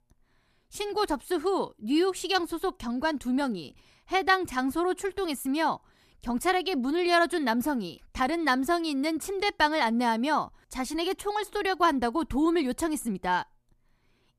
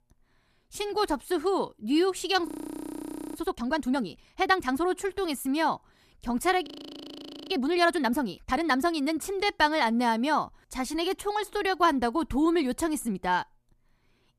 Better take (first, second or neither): first